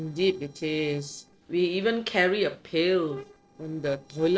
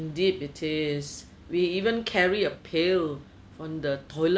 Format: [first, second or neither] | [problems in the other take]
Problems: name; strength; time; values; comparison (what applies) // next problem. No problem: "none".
second | noise reduction (neural separator model SepFormer DNS4)